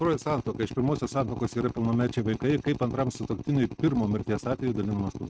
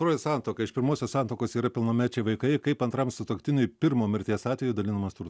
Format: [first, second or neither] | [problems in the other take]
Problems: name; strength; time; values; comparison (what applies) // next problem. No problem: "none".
second | noise reduction (neural mask model RNNoise)